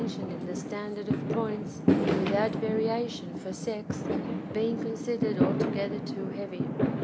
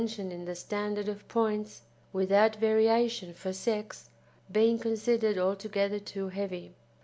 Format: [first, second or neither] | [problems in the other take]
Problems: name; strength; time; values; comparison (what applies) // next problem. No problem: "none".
second | background sound (Fireworks); 3 dB above the speech